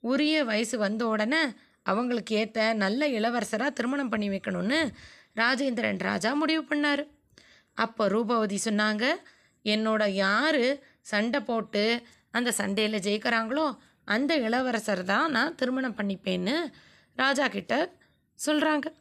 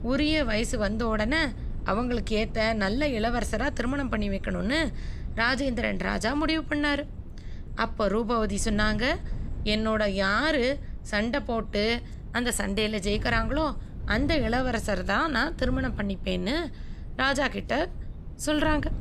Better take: first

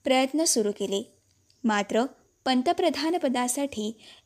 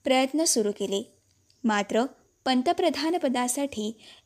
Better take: neither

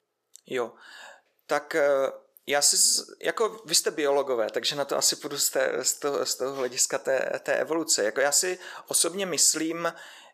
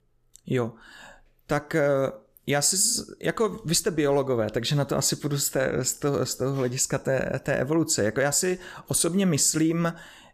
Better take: second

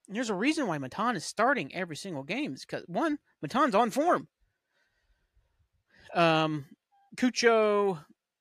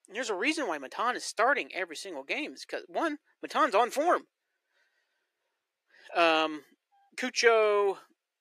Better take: first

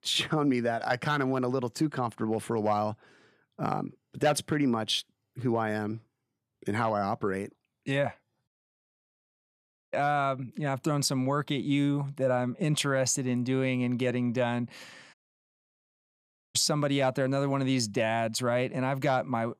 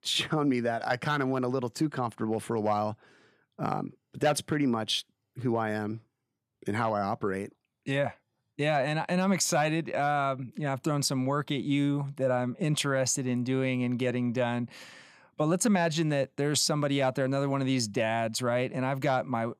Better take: second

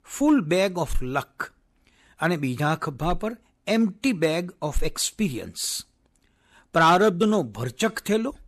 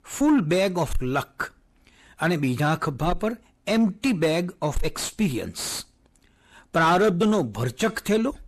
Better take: first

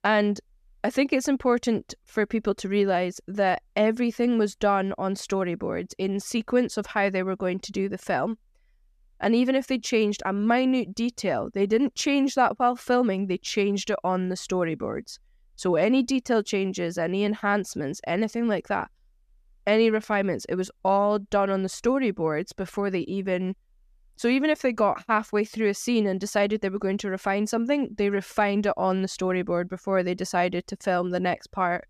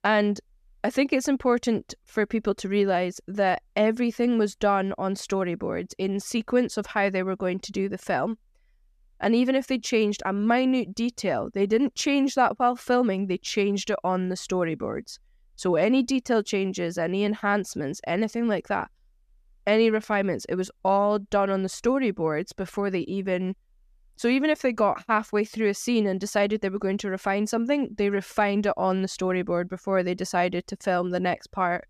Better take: neither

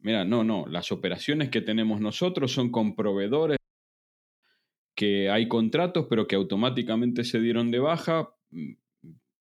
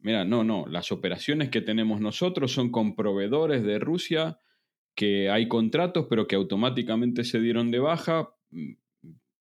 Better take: second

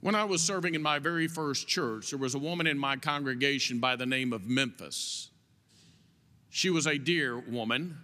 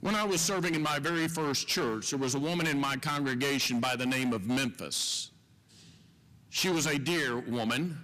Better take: first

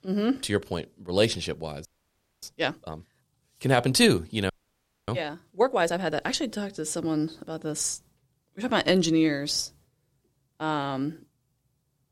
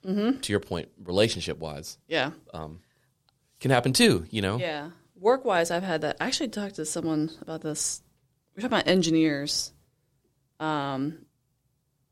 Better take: second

